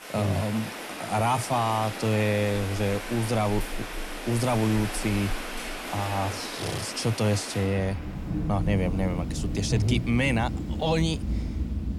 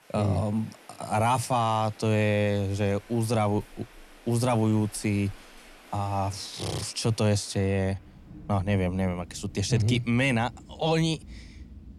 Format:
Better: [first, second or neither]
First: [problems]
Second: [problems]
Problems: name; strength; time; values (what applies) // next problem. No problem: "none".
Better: second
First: rain or running water; loud; throughout; 6 dB below the speech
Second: rain or running water; faint; throughout; 20 dB below the speech